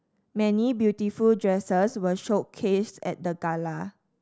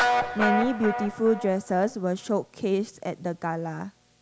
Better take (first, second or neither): first